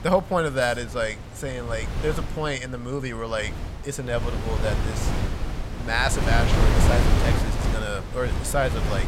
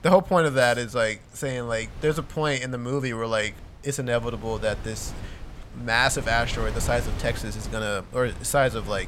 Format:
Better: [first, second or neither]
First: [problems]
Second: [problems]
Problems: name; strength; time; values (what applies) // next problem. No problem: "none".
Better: second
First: wind noise on the microphone; heavy; 5 dB below the speech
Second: wind noise on the microphone; occasional gusts; 20 dB below the speech